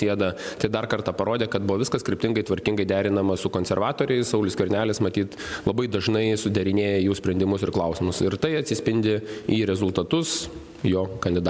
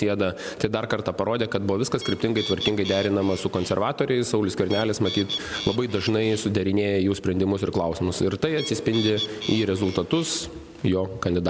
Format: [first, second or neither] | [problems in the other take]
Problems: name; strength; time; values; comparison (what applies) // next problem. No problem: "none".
first | background sound (Bird); 11 dB below the speech